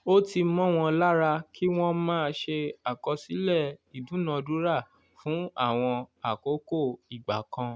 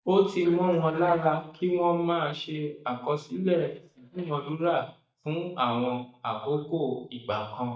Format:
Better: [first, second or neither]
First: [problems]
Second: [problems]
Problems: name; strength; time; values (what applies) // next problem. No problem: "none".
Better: first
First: none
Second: noise reduction (neural mask model DeepFilterNet 3)